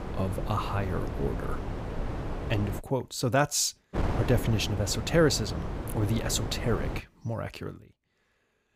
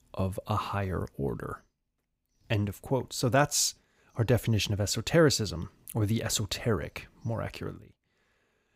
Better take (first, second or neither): second